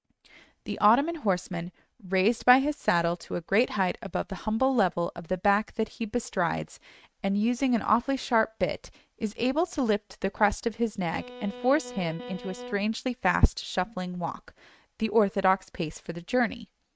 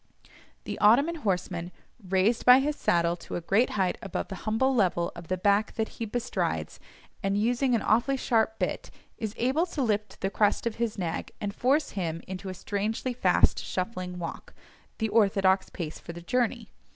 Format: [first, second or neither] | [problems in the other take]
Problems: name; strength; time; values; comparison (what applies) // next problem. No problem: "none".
second | noise reduction (neural mask model RNNoise)